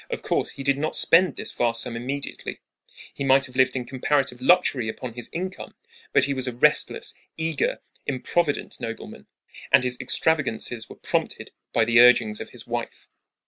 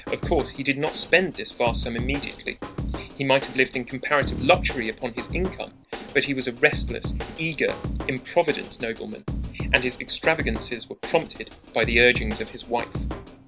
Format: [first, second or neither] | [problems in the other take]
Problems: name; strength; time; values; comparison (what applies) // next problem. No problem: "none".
first | background sound (Drum kit); 7 dB below the speech